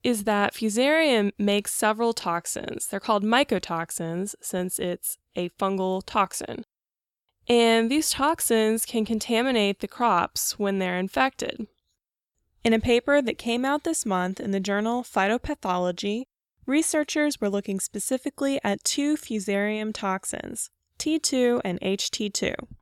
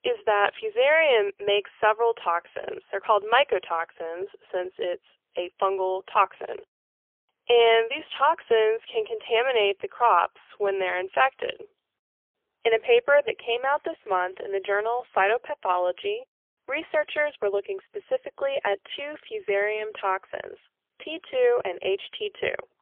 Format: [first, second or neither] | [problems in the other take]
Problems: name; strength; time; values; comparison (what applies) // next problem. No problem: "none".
first | phone-call audio; poor line; nothing above 3 kHz